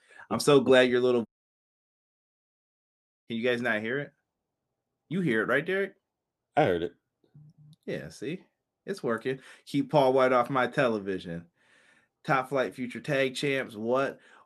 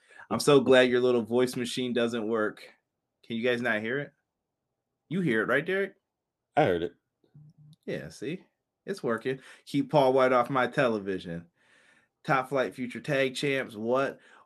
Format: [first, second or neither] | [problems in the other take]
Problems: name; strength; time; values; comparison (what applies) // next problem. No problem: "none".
second | audio cutting out; at 1.5 s for 2 s